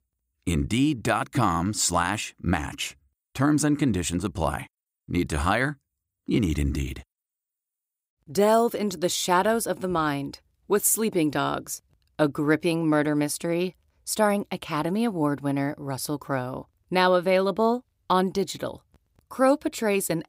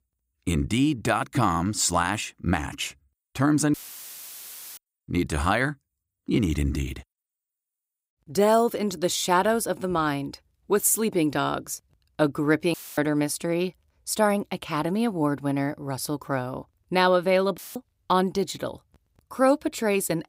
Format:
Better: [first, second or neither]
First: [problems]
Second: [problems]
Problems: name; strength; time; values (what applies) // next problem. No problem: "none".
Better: first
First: none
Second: audio cutting out; filled with static; at 3.5 s for 1 s, at 13 s and at 18 s